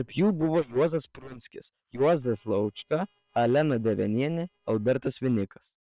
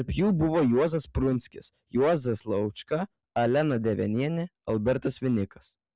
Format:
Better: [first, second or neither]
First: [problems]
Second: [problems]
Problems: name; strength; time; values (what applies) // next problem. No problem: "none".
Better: second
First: noise reduction (neural separator model SepFormer WHAM!)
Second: none